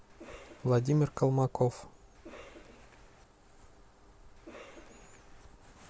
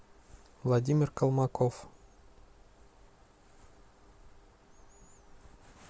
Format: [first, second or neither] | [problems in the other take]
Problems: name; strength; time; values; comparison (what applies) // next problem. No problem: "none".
second | background sound (Cough); 19 dB below the speech